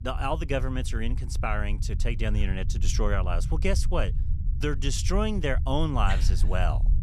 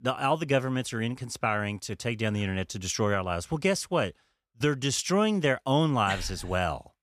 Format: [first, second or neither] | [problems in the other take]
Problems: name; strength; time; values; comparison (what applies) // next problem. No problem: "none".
second | low rumble; noticeable; throughout; 15 dB below the speech